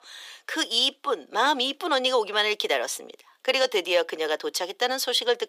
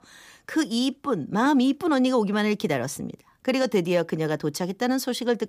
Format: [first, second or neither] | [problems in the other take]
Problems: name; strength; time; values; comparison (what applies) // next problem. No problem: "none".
second | thin; very; fading below 450 Hz